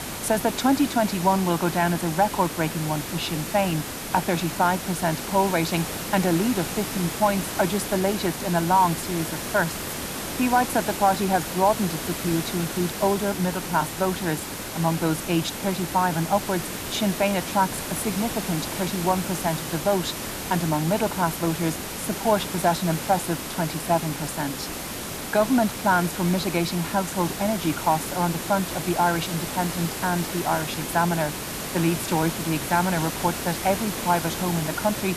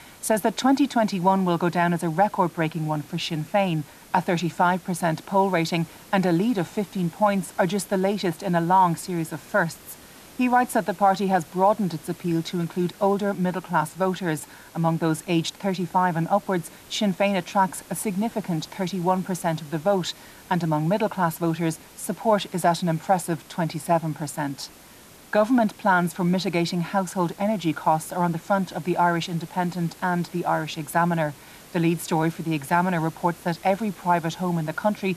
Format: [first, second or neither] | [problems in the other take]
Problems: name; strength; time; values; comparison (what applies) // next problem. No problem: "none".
second | hiss; loud; throughout; 5 dB below the speech; faint in the second